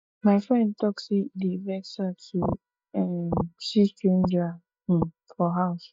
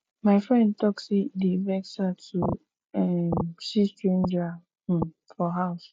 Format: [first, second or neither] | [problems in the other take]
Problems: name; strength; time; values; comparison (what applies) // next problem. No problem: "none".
second | noise reduction (neural mask model DeepFilterNet 3)